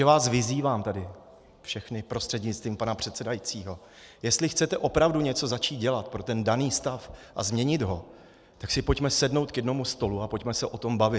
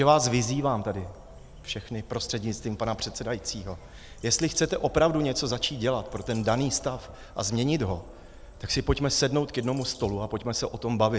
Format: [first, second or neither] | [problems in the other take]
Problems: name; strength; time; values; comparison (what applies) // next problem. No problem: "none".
first | background sound (Bird vocalization, bird call, bird song + Insect); 19 dB below the speech